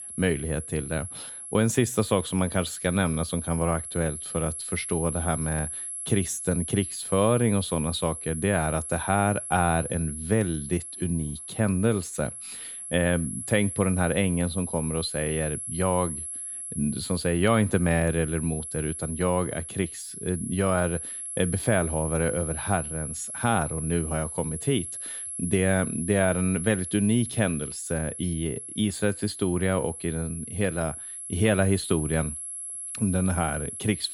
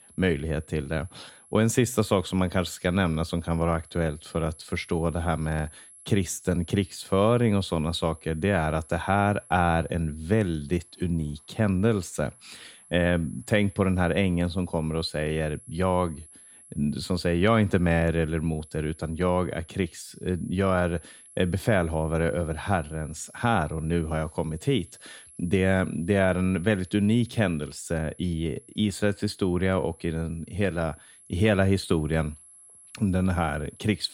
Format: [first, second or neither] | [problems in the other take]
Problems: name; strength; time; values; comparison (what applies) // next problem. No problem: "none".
second | high-pitched whine; loud; throughout; 11 kHz, 7 dB below the speech; faint in the second